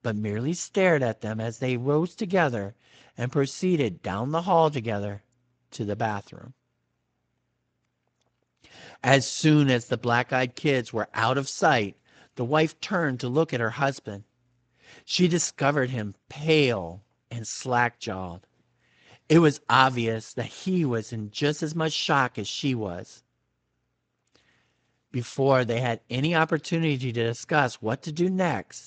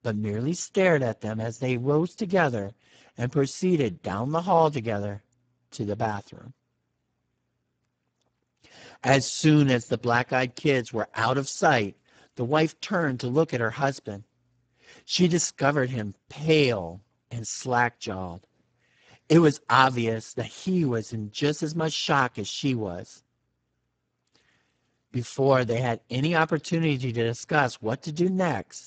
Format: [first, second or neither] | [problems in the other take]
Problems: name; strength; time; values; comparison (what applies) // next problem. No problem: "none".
first | garbled, watery; badly; nothing above 7.5 kHz; slightly in the first